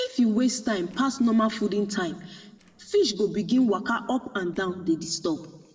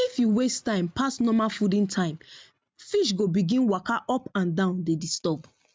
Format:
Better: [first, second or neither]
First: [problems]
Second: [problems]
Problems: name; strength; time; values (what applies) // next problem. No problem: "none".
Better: second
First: noise reduction (neural separator model SepFormer DNS4)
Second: none